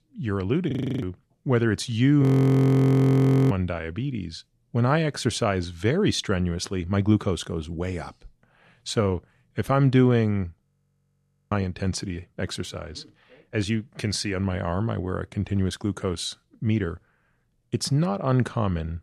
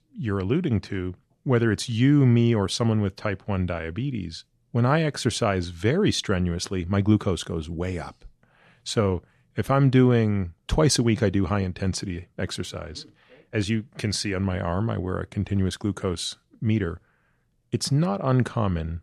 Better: second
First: audio freezing; at 0.5 s, at 2 s for 1.5 s and at 11 s for 1 s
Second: none

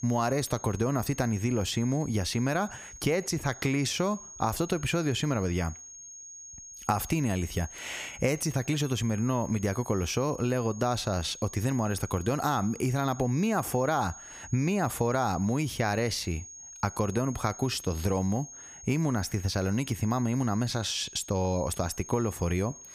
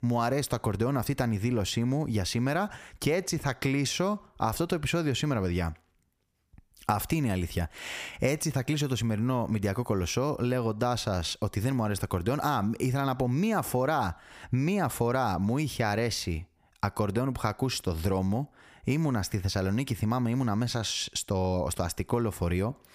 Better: second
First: high-pitched whine; noticeable; throughout; 6.5 kHz, 15 dB below the speech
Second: none

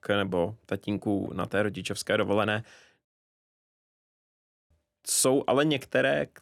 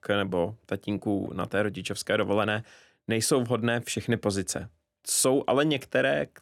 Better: second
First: audio cutting out; at 3 s for 1.5 s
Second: none

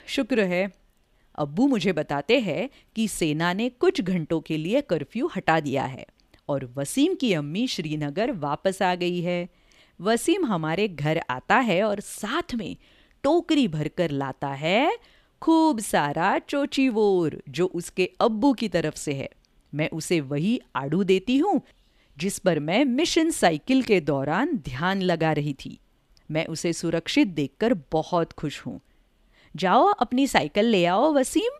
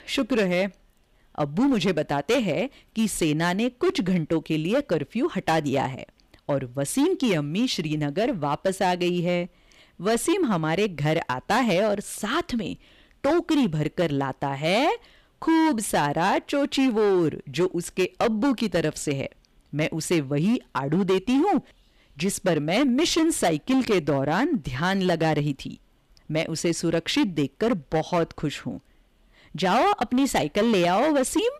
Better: first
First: none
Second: distortion; slight; 10% of the sound clipped

